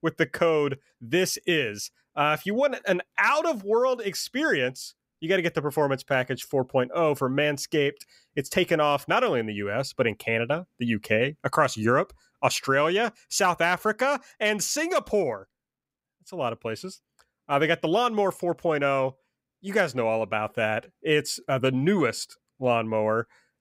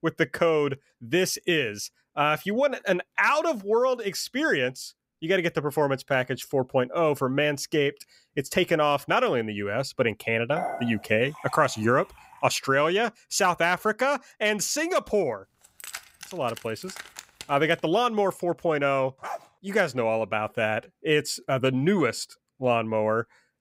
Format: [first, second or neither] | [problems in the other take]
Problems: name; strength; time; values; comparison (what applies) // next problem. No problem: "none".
first | clattering dishes; noticeable; from 11 to 12 s; peak 7 dB below the speech // jangling keys; faint; from 16 to 18 s; peak 15 dB below the speech // dog barking; faint; at 19 s; peak 10 dB below the speech